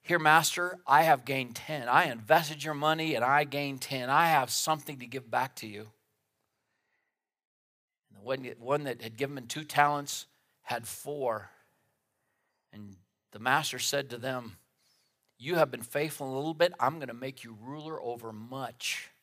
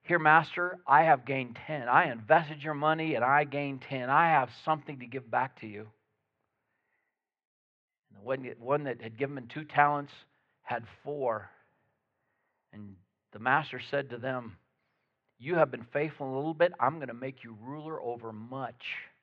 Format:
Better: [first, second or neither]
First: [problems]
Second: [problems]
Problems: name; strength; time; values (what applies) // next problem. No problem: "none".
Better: first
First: none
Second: muffled; very; fading above 2.5 kHz